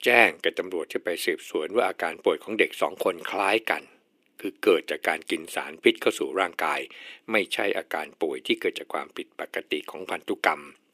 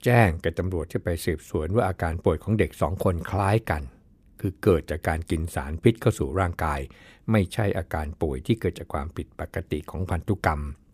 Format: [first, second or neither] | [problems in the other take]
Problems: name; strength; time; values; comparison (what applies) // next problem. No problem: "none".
second | thin; somewhat; fading below 300 Hz